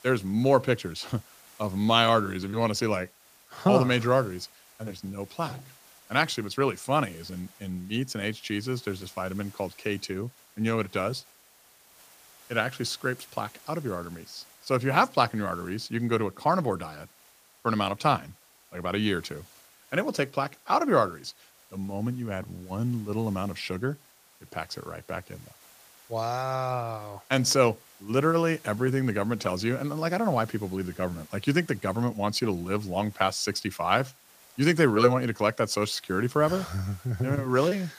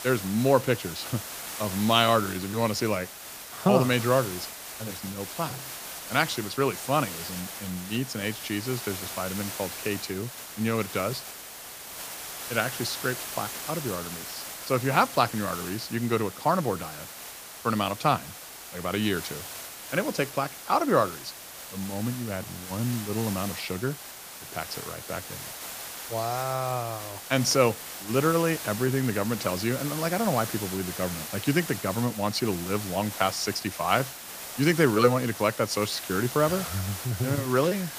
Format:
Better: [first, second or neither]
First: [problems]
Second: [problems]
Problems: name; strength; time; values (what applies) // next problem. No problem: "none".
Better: first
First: hiss; faint; throughout; 25 dB below the speech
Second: hiss; loud; throughout; 9 dB below the speech